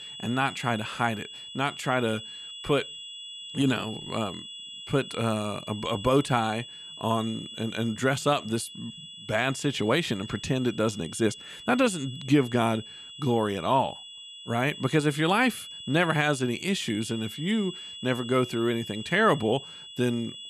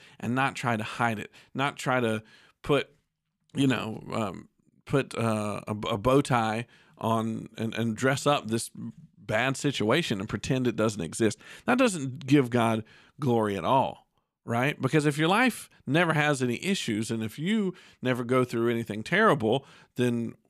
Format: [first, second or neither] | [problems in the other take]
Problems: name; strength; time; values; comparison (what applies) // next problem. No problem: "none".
second | high-pitched whine; noticeable; throughout; 3.5 kHz, 10 dB below the speech